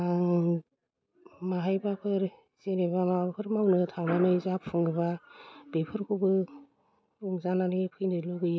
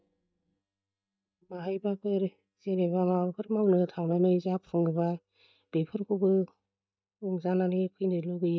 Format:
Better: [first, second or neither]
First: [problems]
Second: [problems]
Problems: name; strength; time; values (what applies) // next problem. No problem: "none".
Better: first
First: none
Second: noise reduction (neural mask model DeepFilterNet 3)